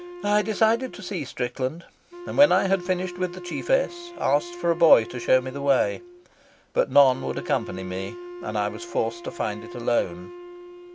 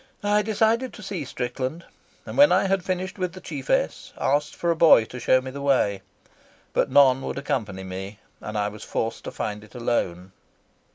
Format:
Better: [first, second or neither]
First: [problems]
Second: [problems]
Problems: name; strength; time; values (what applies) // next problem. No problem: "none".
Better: second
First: background sound (Wind instrument, woodwind instrument); 14 dB below the speech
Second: none